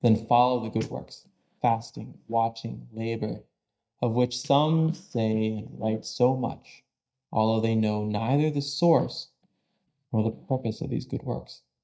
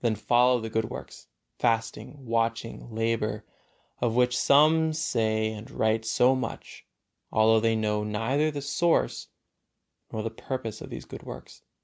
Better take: second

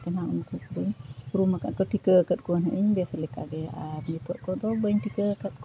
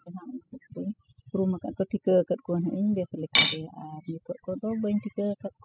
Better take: first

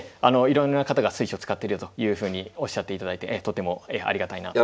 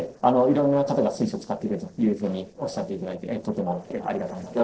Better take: first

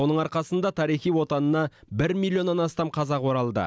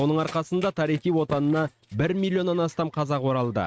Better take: first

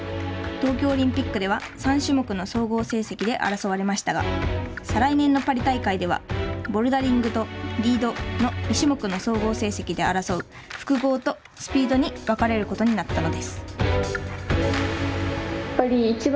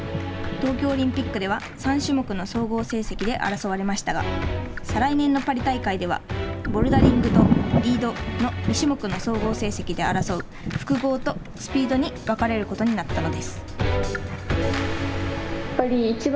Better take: first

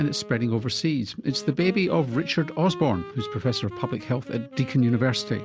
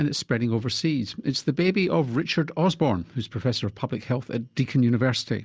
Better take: second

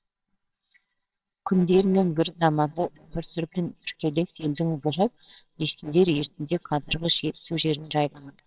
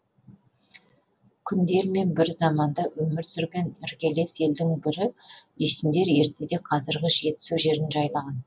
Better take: second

